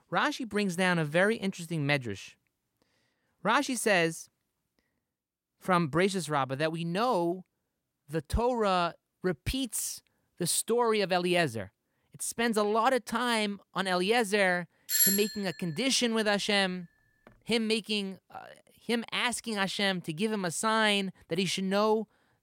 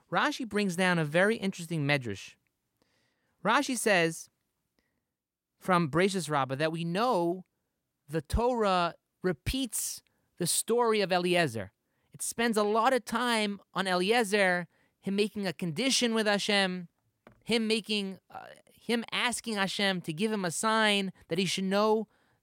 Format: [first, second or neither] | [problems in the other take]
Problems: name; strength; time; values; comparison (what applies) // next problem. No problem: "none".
second | doorbell; loud; at 15 s; peak 5 dB above the speech